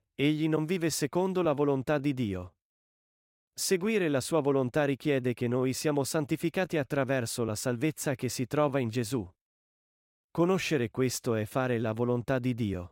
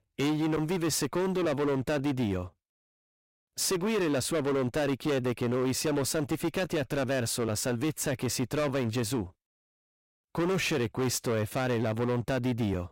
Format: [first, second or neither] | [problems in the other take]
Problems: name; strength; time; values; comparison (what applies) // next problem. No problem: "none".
first | distortion; heavy; 20% of the sound clipped